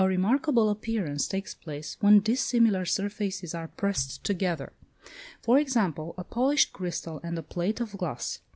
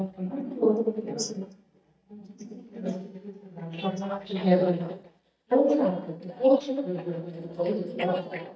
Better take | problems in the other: first | noise reduction (neural mask model DeepFilterNet 3)

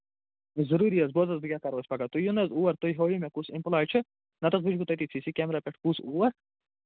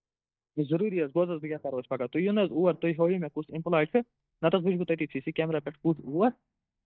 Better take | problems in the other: first | noise reduction (neural mask model DeepFilterNet 3)

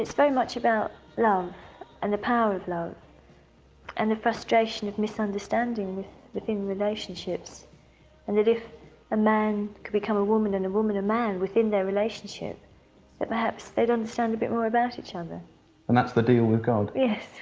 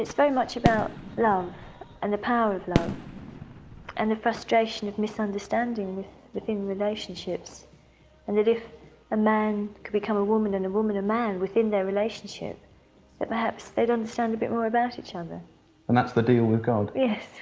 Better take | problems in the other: first | background sound (Fireworks); 6 dB below the speech

